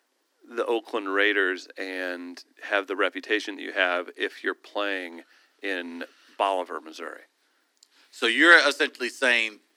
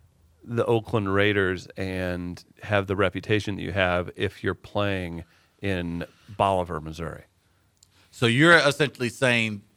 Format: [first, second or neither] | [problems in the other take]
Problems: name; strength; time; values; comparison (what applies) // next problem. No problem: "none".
second | thin; somewhat; fading below 250 Hz